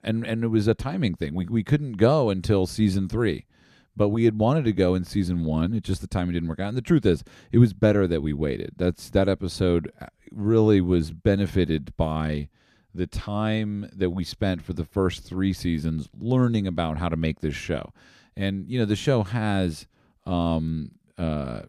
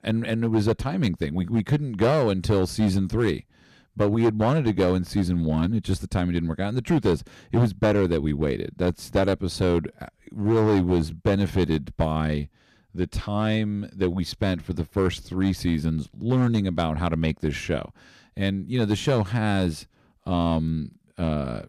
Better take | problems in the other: first | distortion; slight; 5% of the sound clipped

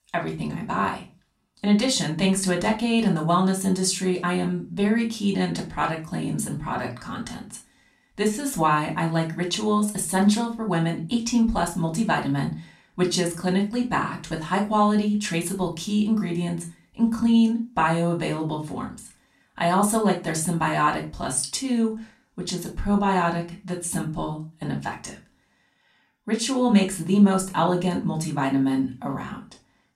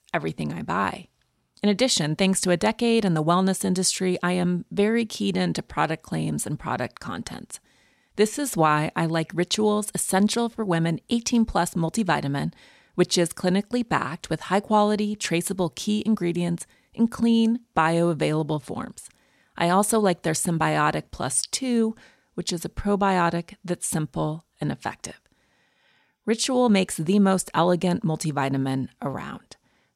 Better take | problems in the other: second | off-mic speech; far // room echo; very slight; dies away in 0.3 s

